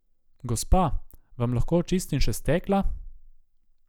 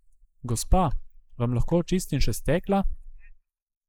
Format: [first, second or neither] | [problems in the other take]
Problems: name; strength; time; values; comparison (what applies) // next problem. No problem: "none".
first | noise reduction (neural mask model Resemble Enhance denoiser)